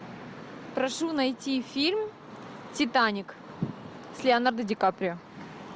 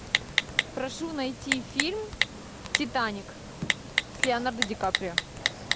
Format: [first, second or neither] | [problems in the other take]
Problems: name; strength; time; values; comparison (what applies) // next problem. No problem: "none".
first | background sound (Typing); 2 dB above the speech